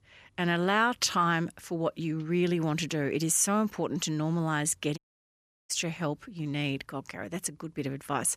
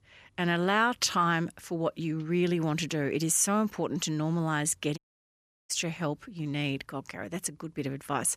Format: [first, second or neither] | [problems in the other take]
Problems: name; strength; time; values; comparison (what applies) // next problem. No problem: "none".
neither | audio cutting out; at 5 s for 0.5 s; the same in both